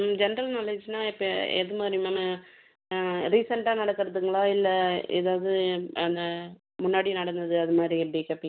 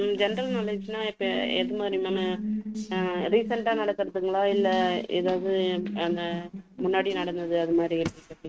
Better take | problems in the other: first | noise reduction (neural mask model RNNoise)

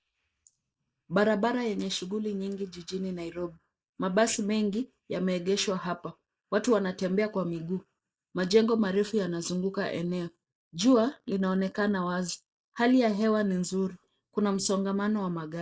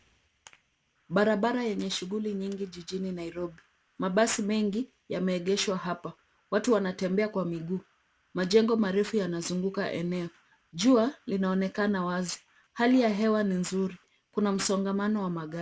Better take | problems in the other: second | noise reduction (neural mask model Resemble Enhance denoiser)

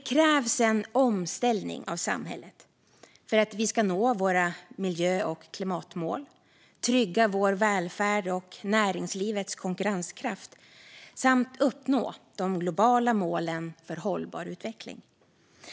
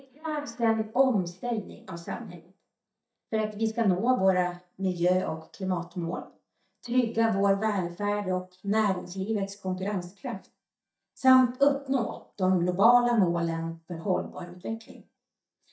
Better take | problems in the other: first | noise reduction (neural mask model DeepFilterNet 3)

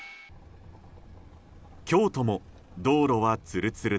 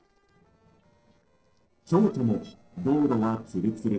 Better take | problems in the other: first | noise reduction (neural separator model SepFormer DNS4)

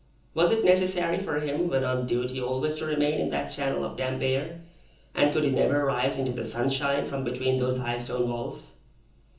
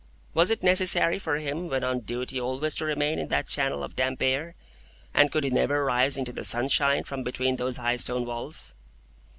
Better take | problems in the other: second | room echo; dies away in 0.7 s

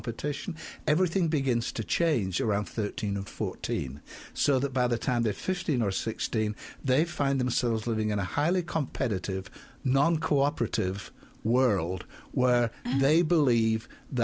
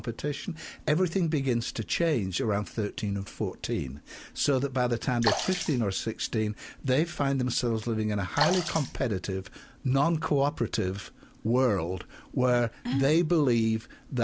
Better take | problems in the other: first | background sound (Sink (filling or washing) / Water / Splash, splatter); 4 dB below the speech

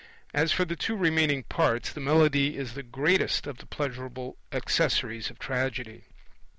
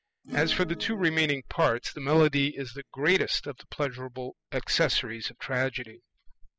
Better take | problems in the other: first | noise reduction (classical method spectral subtraction)

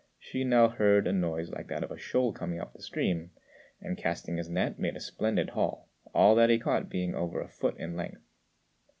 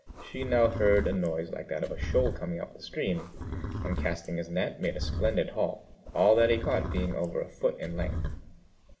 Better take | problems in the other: first | background sound (Livestock, farm animals, working animals); 6 dB below the speech // room echo; dies away in 1.4 s

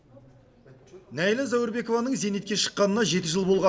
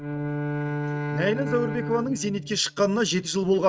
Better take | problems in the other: first | noise reduction (neural mask model RNNoise)

